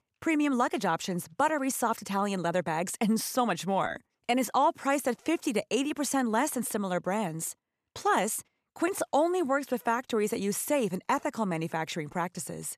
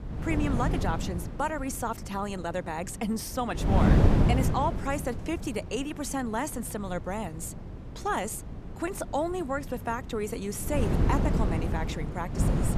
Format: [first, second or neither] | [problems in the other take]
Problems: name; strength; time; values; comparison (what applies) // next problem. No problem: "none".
first | wind noise on the microphone; heavy; 3 dB below the speech